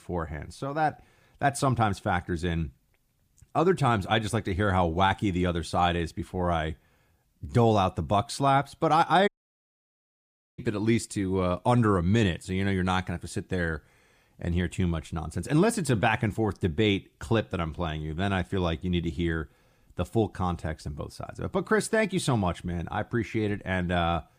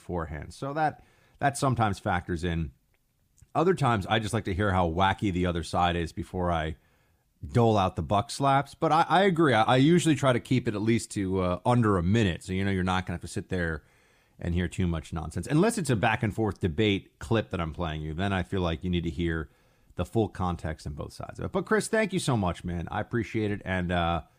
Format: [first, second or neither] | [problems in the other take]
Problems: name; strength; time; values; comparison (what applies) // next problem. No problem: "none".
second | audio cutting out; at 9.5 s for 1.5 s